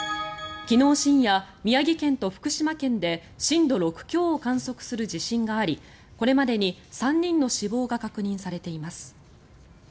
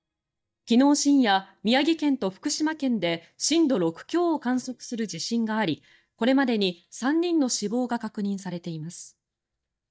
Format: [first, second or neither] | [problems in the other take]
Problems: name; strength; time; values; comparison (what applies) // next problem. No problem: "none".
first | noise reduction (neural mask model DeepFilterNet 3)